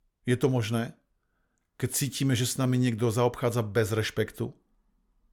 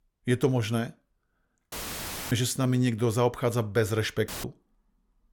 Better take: first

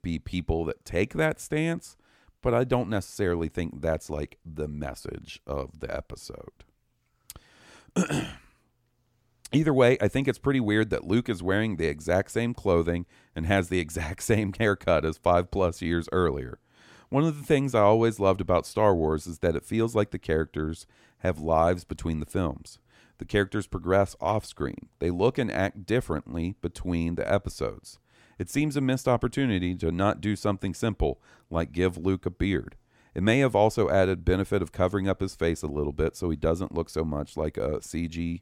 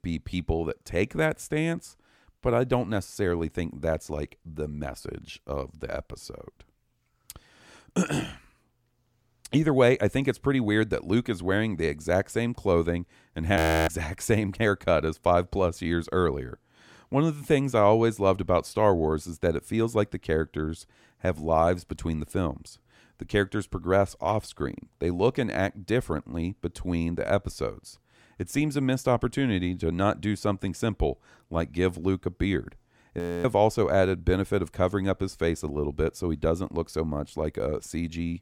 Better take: first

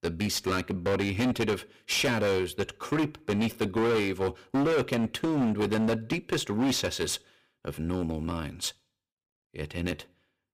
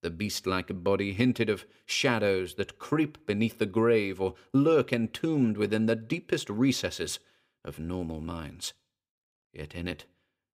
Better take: second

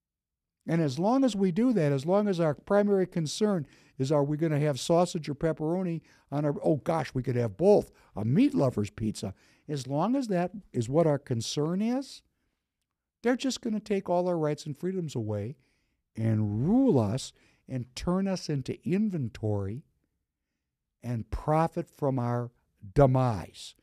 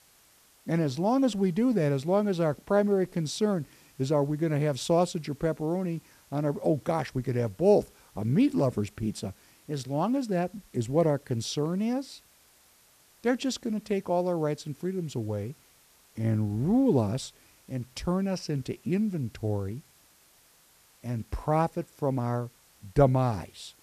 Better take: first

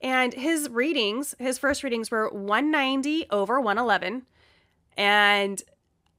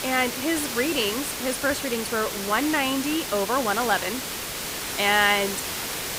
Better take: first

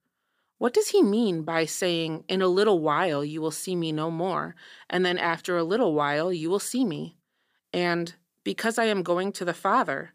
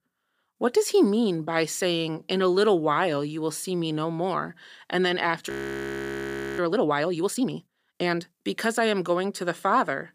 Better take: first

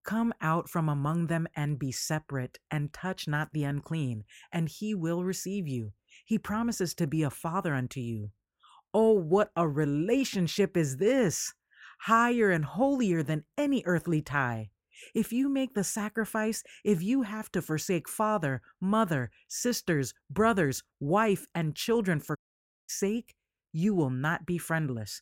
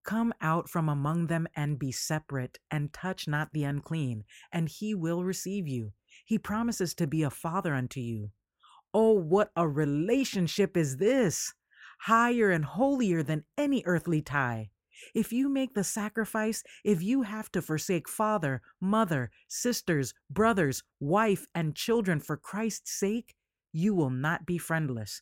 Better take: second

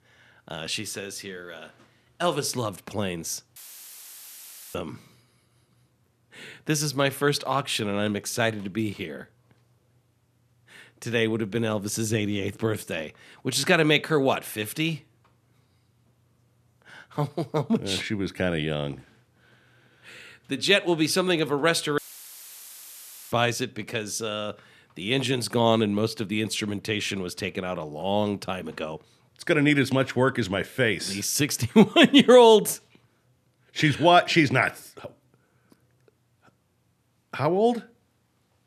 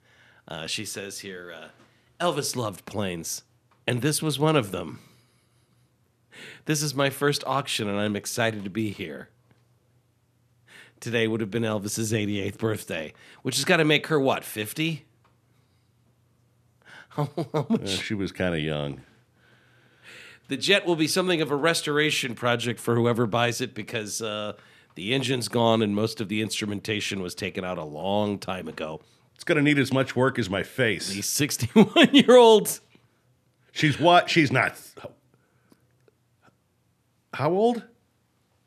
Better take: second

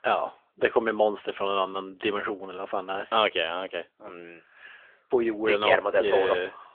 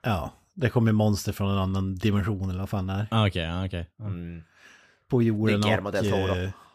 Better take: second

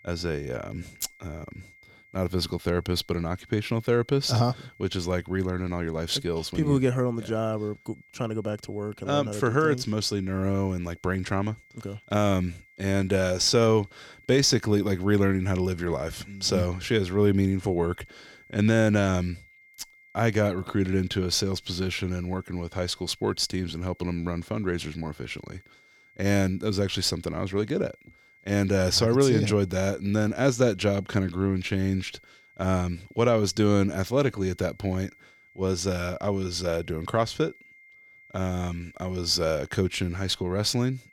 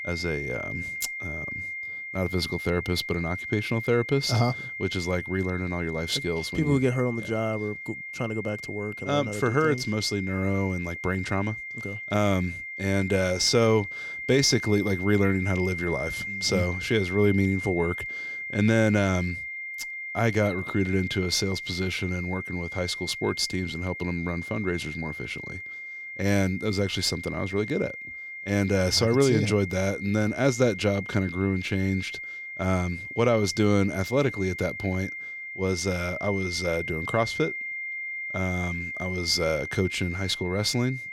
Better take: first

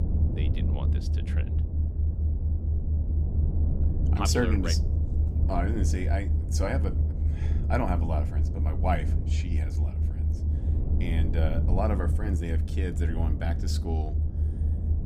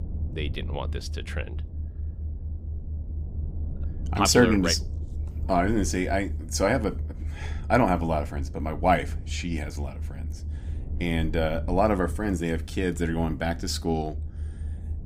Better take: second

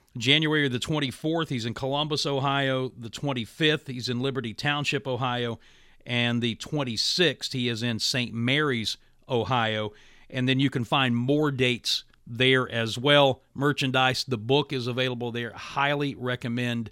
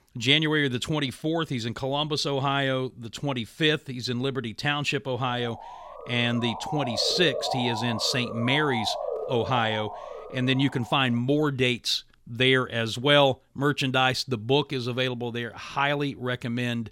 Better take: first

